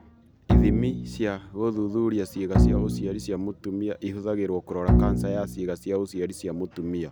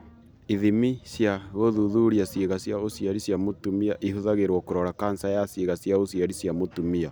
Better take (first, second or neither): second